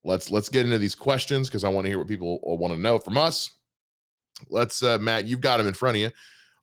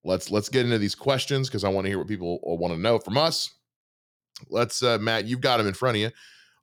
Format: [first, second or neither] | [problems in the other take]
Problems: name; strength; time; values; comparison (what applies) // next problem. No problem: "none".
second | garbled, watery; slightly